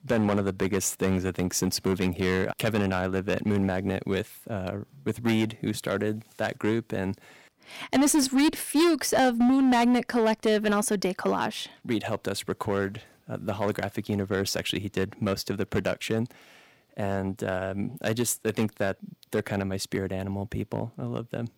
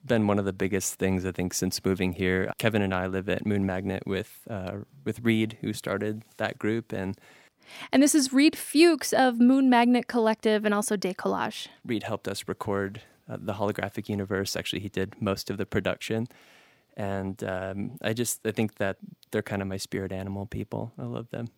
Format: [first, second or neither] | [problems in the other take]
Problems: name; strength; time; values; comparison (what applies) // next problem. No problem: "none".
second | distortion; slight; 6% of the sound clipped